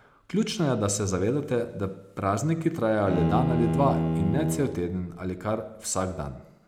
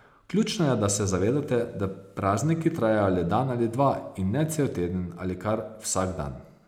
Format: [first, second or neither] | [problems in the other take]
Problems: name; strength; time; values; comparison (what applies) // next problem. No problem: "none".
second | background sound (Bowed string instrument); 2 dB below the speech